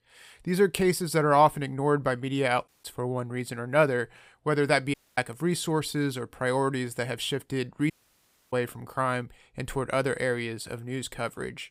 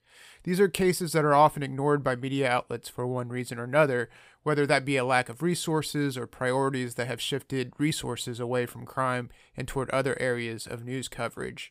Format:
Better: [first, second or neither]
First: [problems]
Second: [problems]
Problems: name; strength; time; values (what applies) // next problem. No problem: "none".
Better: second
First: audio cutting out; at 2.5 s, at 5 s and at 8 s for 0.5 s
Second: none